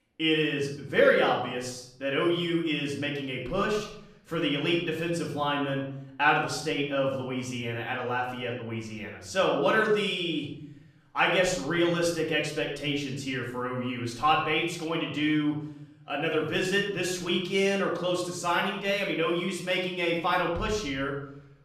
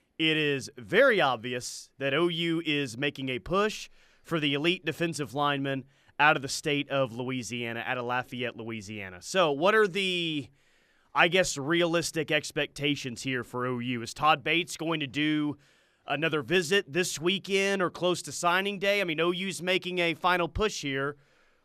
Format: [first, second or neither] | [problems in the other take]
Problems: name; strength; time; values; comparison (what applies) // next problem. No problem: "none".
second | off-mic speech; far // room echo; noticeable; dies away in 0.7 s